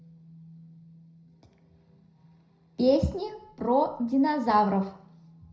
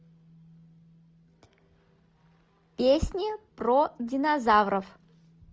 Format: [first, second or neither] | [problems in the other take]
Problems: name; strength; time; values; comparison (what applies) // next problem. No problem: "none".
second | room echo; dies away in 0.4 s